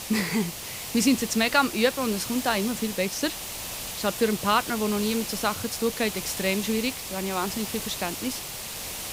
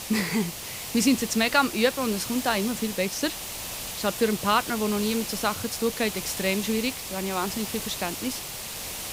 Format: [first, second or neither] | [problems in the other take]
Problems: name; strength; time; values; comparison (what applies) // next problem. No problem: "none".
neither | hiss; loud; throughout; 6 dB below the speech; the same in both